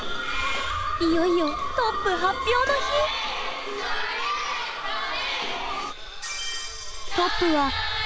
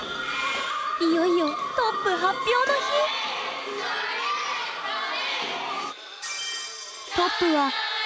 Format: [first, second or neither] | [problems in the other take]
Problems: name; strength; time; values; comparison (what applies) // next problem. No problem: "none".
second | background sound (Walk, footsteps); 8 dB below the speech